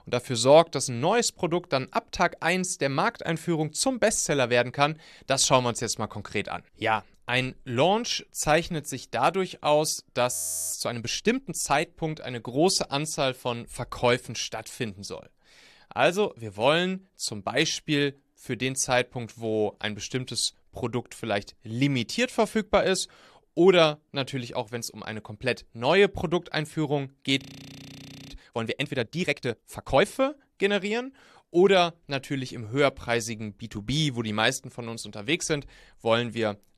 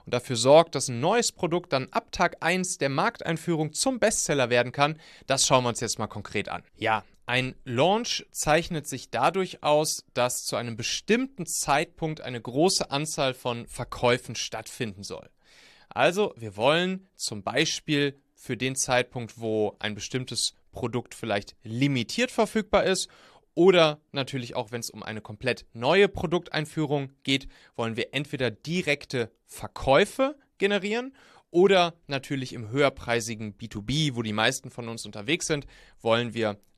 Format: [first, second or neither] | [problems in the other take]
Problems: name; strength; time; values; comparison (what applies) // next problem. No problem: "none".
second | audio freezing; at 10 s and at 27 s for 1 s